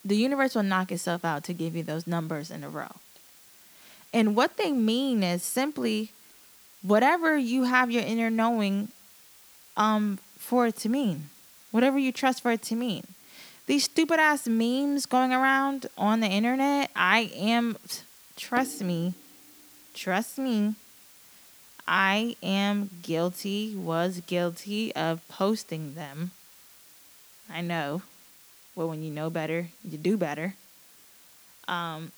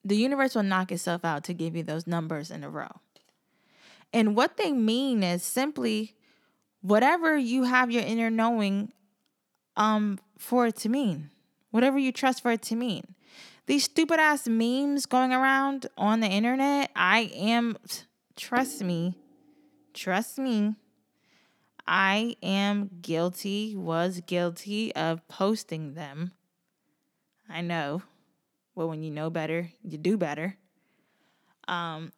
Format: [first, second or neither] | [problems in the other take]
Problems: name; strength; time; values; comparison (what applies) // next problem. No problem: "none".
second | hiss; faint; throughout; 25 dB below the speech